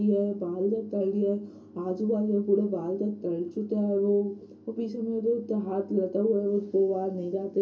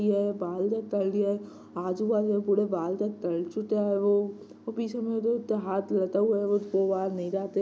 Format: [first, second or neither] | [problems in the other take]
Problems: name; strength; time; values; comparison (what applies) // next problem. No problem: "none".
second | room echo; dies away in 0.2 s